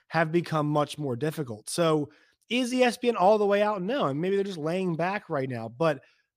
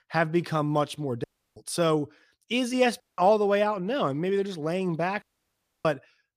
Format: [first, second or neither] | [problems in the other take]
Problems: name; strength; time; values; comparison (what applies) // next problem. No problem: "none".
first | audio cutting out; at 1 s, at 3 s and at 5 s for 0.5 s